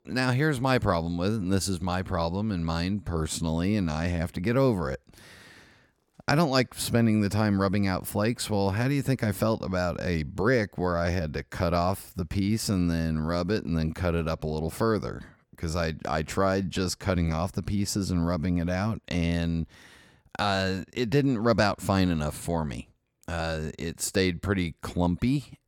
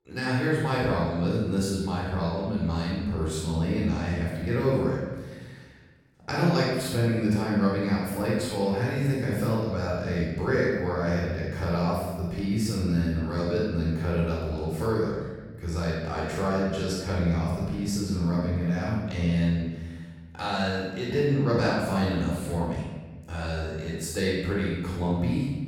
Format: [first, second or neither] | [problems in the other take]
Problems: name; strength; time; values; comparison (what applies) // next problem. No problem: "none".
first | room echo; strong; dies away in 1.2 s // off-mic speech; far